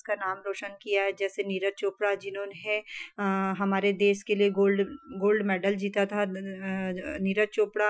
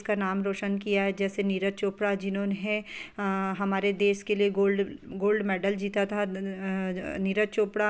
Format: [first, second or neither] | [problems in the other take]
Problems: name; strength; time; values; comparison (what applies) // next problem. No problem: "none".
second | noise reduction (classical method Wiener filter)